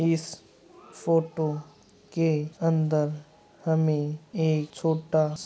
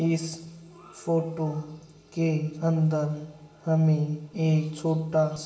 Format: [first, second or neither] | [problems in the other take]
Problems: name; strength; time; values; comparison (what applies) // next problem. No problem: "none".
first | room echo; dies away in 1 s